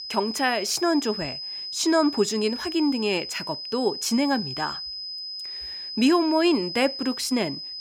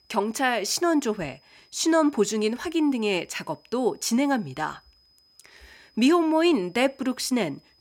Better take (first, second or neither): second